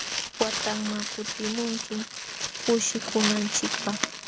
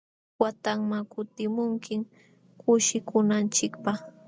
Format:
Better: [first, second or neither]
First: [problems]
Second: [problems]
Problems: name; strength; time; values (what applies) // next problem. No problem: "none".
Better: second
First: background sound (Crumpling, crinkling); 2 dB below the speech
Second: none